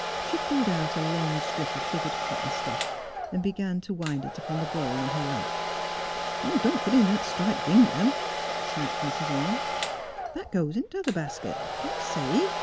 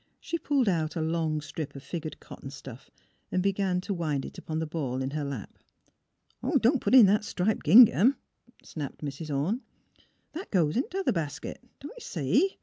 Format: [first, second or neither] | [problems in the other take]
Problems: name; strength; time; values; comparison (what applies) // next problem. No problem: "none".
second | background sound (Domestic sounds, home sounds); 3 dB below the speech